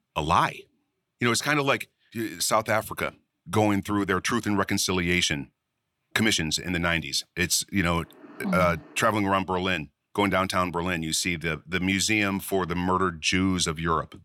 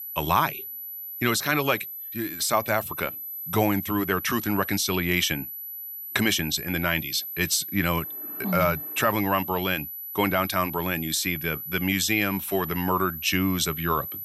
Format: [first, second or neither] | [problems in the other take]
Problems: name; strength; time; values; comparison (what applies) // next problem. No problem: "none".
first | high-pitched whine; loud; throughout; 12 kHz, 8 dB below the speech